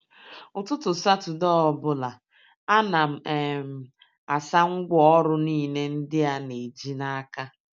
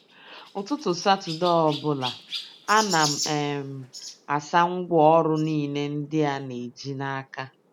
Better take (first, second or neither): first